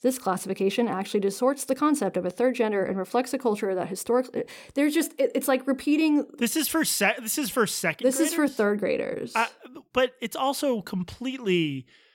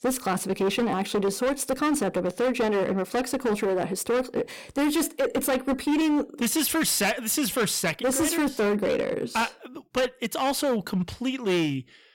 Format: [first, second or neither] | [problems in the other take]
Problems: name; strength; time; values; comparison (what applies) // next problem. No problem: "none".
first | distortion; heavy; 17% of the sound clipped